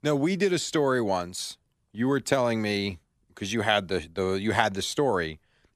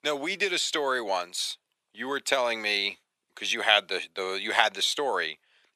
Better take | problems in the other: first | thin; somewhat; fading below 550 Hz

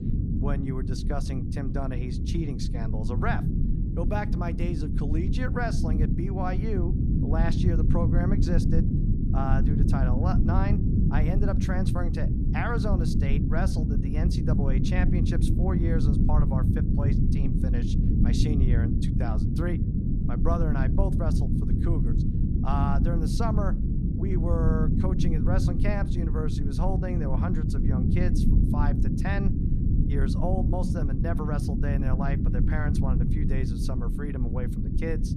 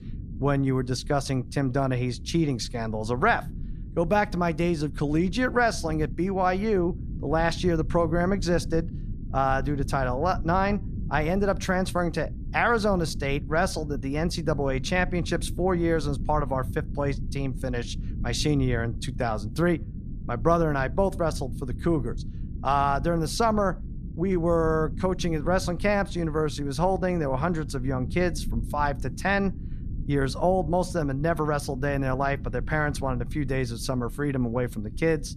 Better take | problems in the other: second | low rumble; loud; throughout; 1 dB below the speech; faint in the second

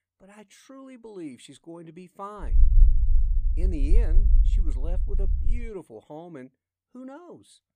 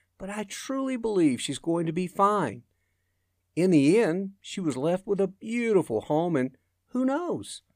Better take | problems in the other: second | low rumble; loud; from 2.5 to 5.5 s; 7 dB below the speech

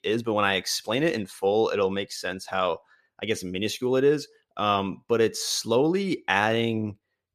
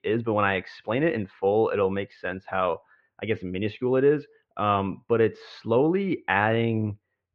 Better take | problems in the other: first | muffled; very; fading above 2.5 kHz

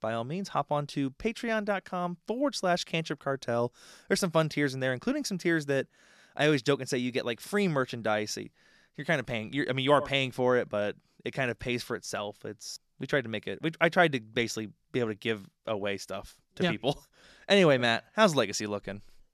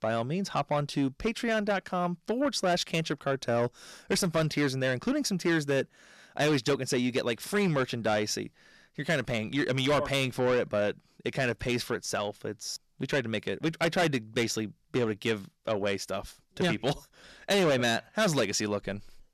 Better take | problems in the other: first | distortion; heavy; 7 dB below the speech

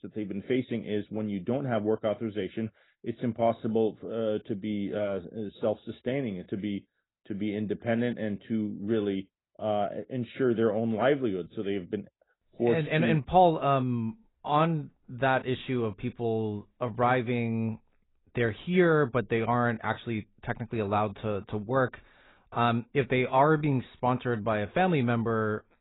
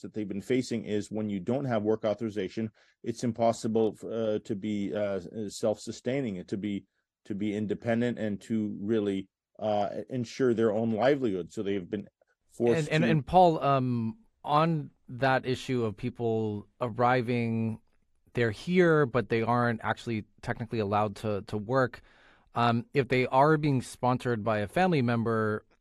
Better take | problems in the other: second | garbled, watery; badly; nothing above 4 kHz; slightly in the second

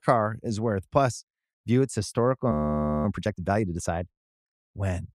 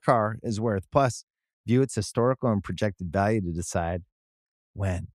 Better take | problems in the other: second | audio freezing; at 2.5 s for 0.5 s

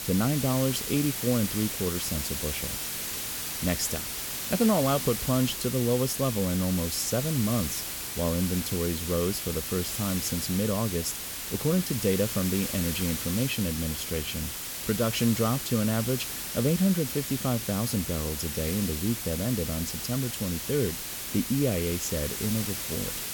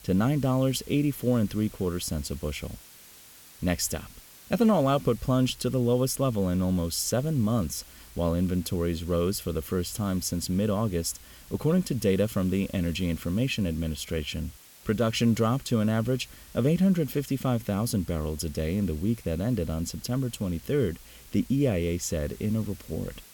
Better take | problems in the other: second | hiss; loud; throughout; 3 dB below the speech; faint in the second

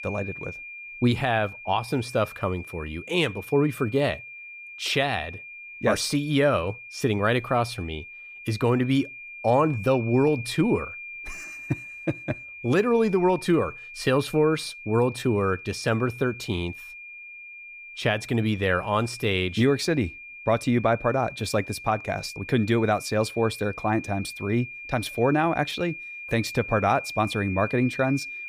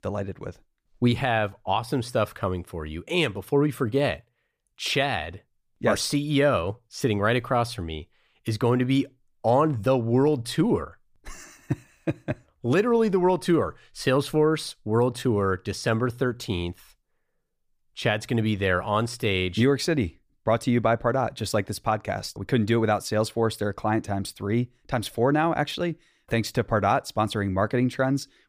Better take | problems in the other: second | high-pitched whine; noticeable; throughout; 2.5 kHz, 15 dB below the speech

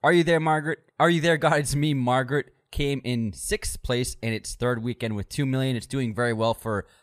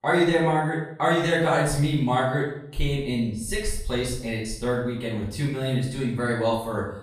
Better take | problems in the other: first | room echo; noticeable; dies away in 0.6 s // off-mic speech; far

